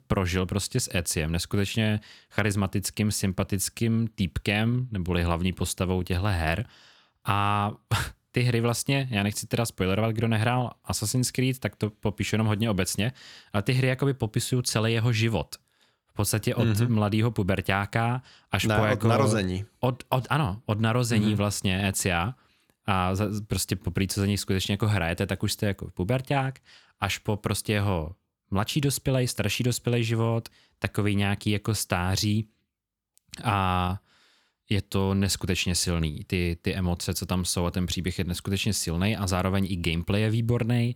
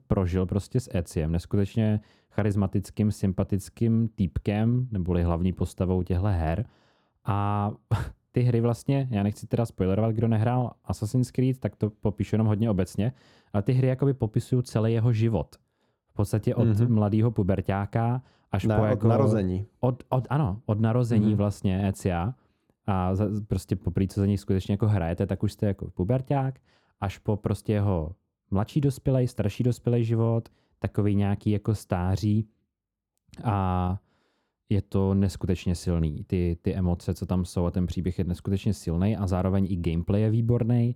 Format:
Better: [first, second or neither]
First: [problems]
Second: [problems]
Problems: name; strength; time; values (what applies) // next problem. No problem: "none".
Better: first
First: none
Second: muffled; slightly; fading above 1 kHz